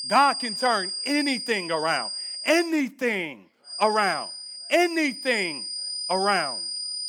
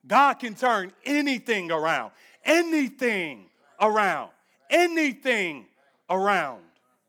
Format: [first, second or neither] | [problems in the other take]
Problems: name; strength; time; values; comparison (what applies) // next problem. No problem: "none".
second | high-pitched whine; loud; until 2.5 s and from 3.5 s on; 5 kHz, 6 dB below the speech